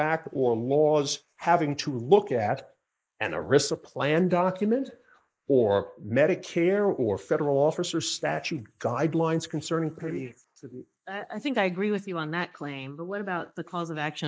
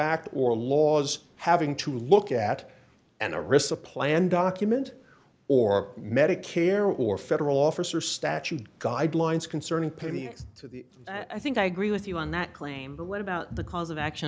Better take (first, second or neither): second